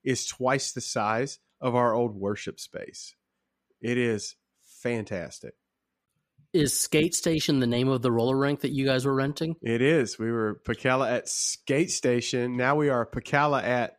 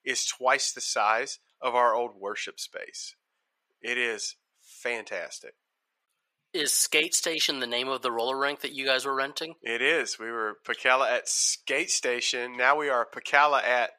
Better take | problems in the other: first | thin; very; fading below 750 Hz

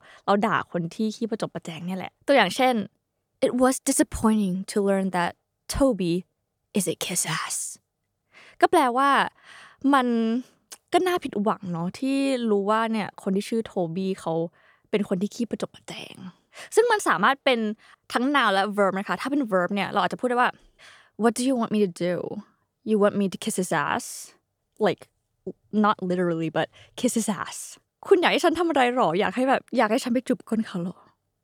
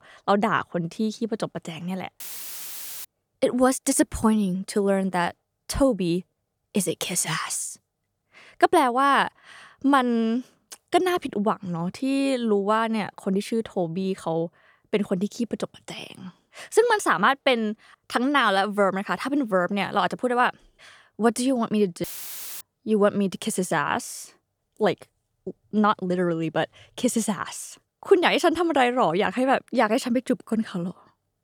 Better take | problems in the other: first | audio cutting out; filled with static; at 2 s for 1 s and at 22 s for 0.5 s

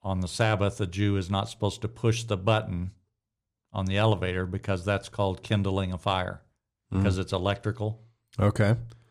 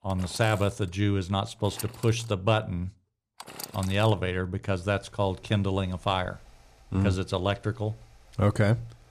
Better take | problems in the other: first | machinery noise; noticeable; throughout; 20 dB below the speech

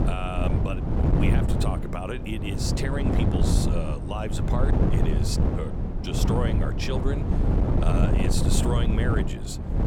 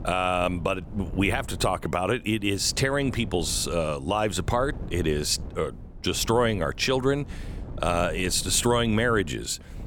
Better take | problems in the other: second | wind noise on the microphone; heavy; as loud as the speech; occasional gusts in the second

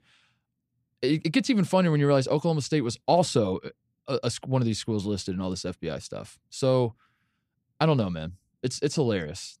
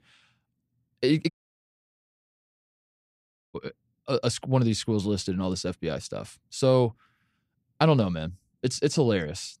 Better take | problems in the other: first | audio cutting out; at 1.5 s for 2 s

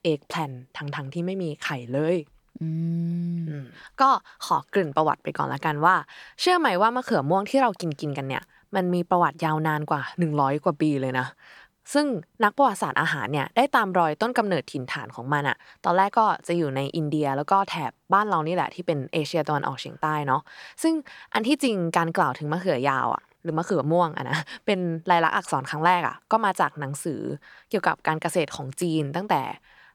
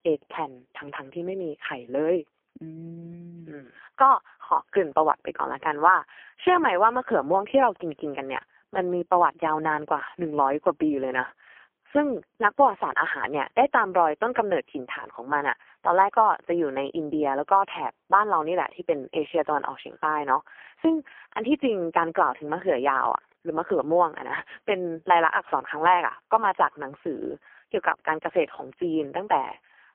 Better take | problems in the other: first | phone-call audio; poor line; nothing above 3.5 kHz

